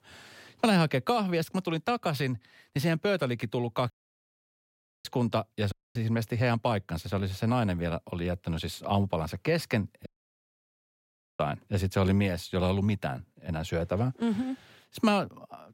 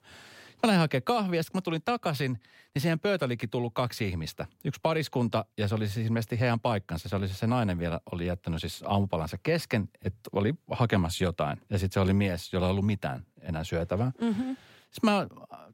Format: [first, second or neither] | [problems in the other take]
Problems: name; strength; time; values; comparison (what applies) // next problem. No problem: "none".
second | audio cutting out; at 4 s for 1 s, at 5.5 s and at 10 s for 1.5 s